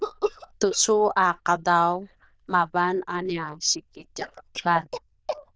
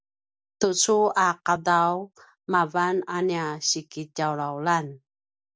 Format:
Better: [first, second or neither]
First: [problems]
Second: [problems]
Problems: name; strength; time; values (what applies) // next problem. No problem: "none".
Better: second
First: noise reduction (neural diffusion model UNIVERSE++)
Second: none